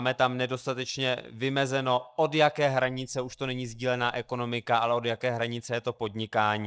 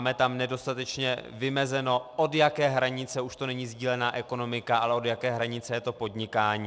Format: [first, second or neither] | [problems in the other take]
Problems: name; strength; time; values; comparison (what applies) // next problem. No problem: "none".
second | noise reduction (neural mask model DeepFilterNet 3)